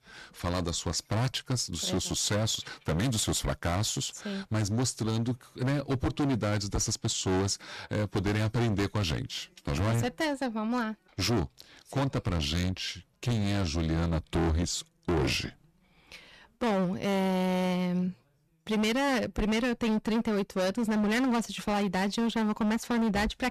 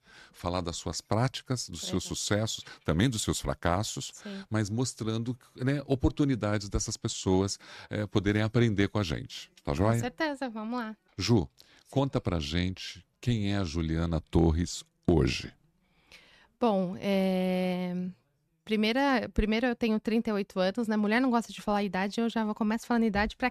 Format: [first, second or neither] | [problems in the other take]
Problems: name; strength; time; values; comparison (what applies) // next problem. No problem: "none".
second | distortion; heavy; 20% of the sound clipped